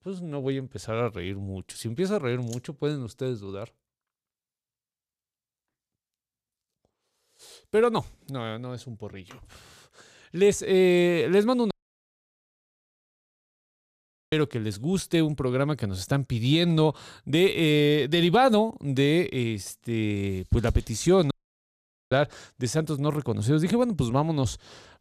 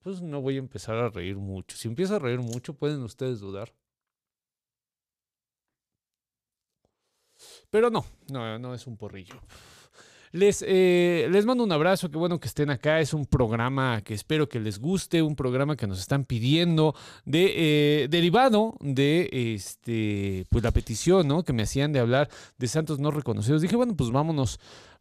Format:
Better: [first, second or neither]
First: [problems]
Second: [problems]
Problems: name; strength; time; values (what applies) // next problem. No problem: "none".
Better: second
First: audio cutting out; at 12 s for 2.5 s and at 21 s for 1 s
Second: none